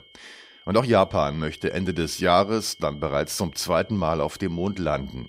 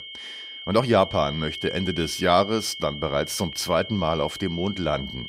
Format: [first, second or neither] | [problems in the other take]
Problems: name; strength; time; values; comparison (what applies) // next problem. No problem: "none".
first | high-pitched whine; loud; throughout; 3 kHz, 10 dB below the speech; faint in the first